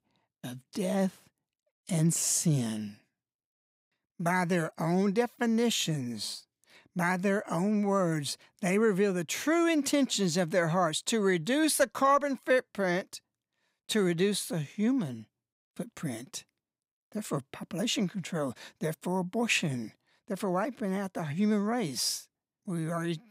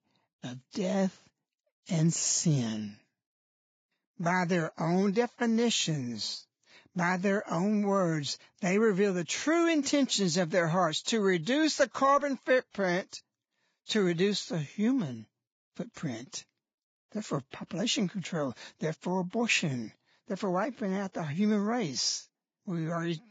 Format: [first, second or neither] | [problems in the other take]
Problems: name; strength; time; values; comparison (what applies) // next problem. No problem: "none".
first | garbled, watery; badly; nothing above 7.5 kHz